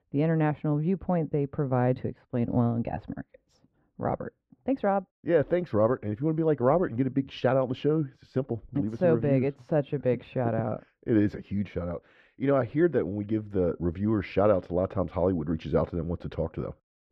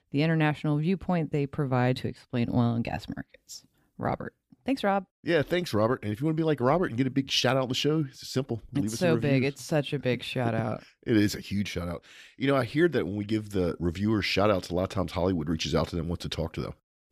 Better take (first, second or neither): second